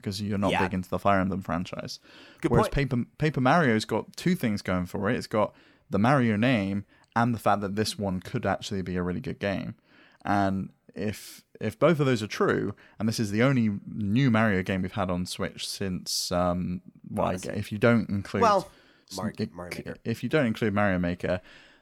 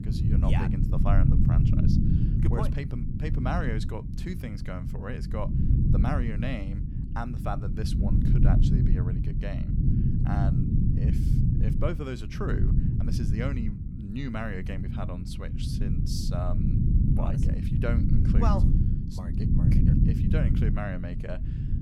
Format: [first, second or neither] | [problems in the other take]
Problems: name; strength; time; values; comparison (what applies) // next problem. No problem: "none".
first | low rumble; loud; throughout; as loud as the speech